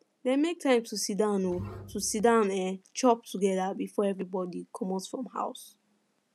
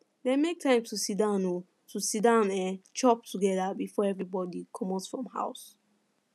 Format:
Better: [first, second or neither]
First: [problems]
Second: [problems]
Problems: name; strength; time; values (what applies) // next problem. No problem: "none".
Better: second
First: background sound (Bowed string instrument); 14 dB below the speech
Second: none